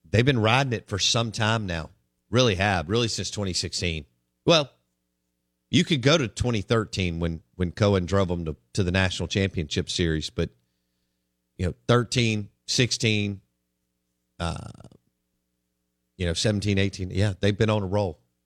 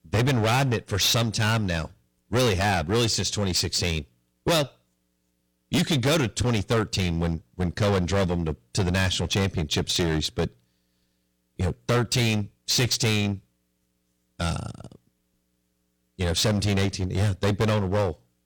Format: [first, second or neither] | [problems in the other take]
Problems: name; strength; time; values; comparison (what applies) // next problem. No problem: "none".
first | distortion; heavy; 13% of the sound clipped